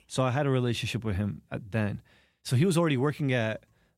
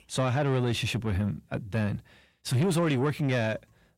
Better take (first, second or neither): first